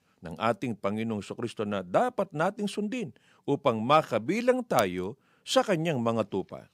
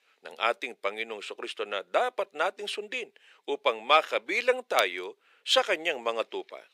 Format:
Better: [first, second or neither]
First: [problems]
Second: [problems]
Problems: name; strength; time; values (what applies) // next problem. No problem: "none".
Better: first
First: none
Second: thin; very; fading below 400 Hz